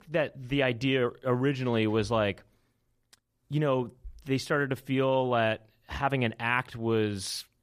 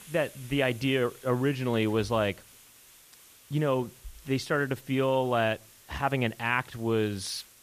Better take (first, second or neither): first